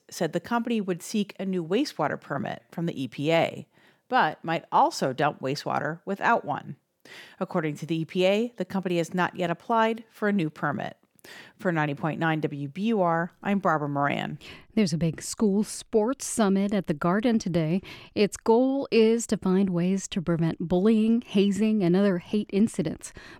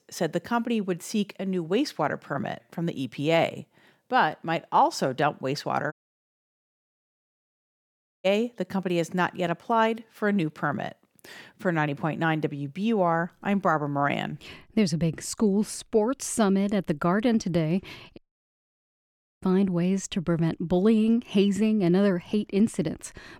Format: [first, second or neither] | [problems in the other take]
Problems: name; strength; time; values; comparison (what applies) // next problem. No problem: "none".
first | audio cutting out; at 6 s for 2.5 s and at 18 s for 1 s